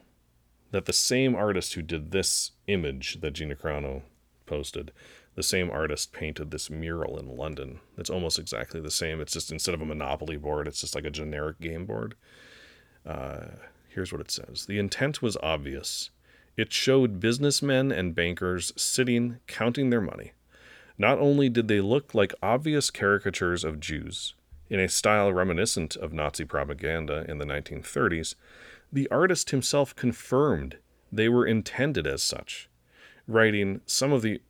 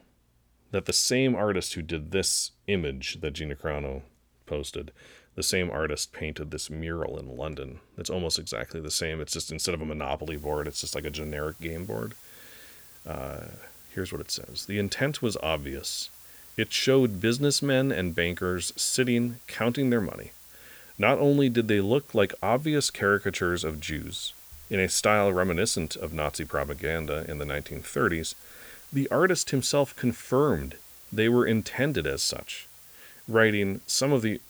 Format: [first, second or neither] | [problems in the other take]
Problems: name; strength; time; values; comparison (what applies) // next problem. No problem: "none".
first | hiss; noticeable; from 10 s on; 20 dB below the speech